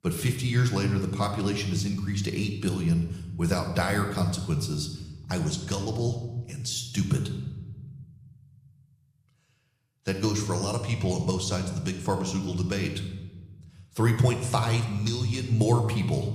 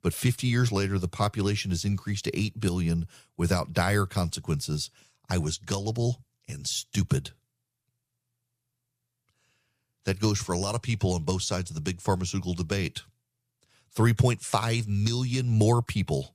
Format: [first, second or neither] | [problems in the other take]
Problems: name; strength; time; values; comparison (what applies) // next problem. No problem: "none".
second | room echo; slight; dies away in 1 s